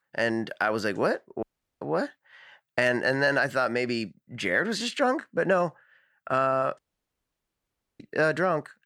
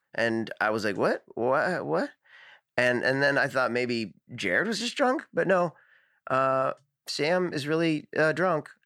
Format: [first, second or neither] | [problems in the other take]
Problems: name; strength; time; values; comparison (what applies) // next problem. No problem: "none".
second | audio cutting out; at 1.5 s and at 7 s for 1 s